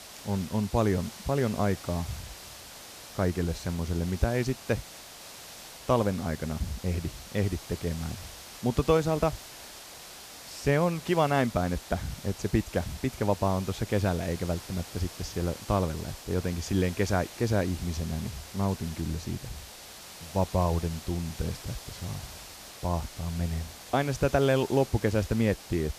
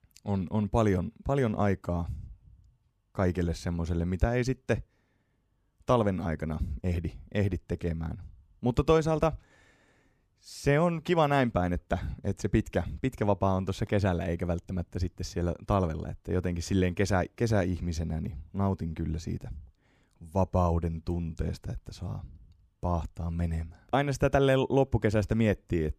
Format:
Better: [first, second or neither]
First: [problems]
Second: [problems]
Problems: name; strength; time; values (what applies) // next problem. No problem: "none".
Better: second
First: hiss; noticeable; throughout; 15 dB below the speech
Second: none